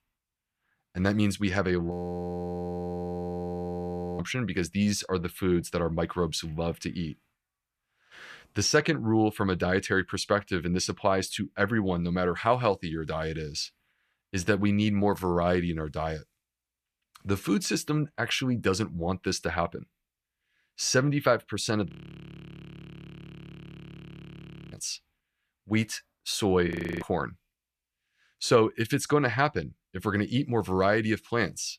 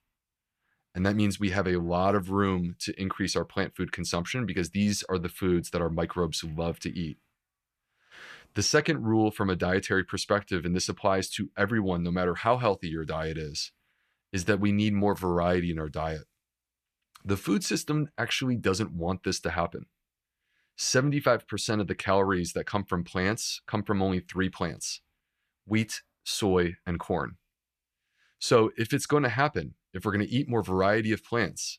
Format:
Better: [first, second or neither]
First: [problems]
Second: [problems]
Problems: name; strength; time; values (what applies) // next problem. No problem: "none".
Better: second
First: audio freezing; at 2 s for 2.5 s, at 22 s for 3 s and at 27 s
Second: none